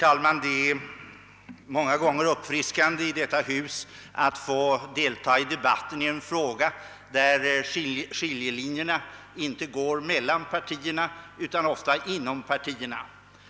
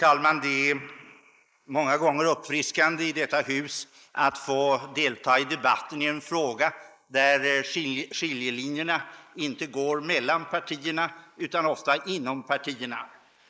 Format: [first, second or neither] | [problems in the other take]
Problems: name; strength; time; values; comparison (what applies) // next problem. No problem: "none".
first | noise reduction (neural mask model Resemble Enhance denoiser)